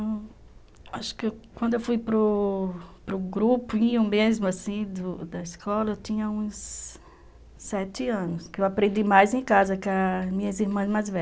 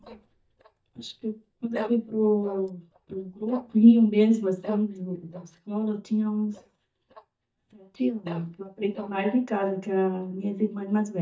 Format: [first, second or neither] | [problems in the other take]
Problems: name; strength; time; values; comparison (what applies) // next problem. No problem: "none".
first | noise reduction (neural mask model DeepFilterNet 3)